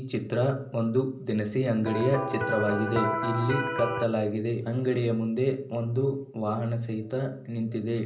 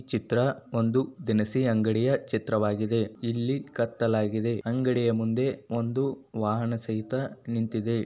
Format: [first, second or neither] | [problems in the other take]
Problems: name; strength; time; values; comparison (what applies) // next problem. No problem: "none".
second | background sound (Electric guitar); 2 dB below the speech // room echo; dies away in 0.5 s